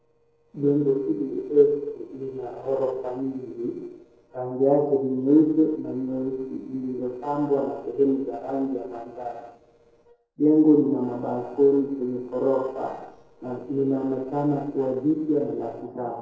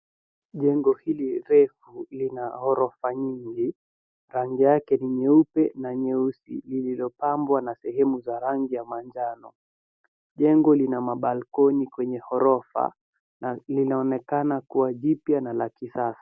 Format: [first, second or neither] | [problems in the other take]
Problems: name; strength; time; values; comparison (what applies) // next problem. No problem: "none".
second | noise reduction (neural separator model SepFormer DNS4)